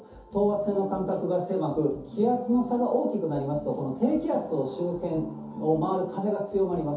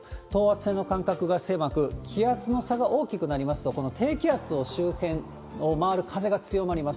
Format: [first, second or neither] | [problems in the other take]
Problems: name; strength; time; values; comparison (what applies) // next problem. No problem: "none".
second | room echo; dies away in 0.5 s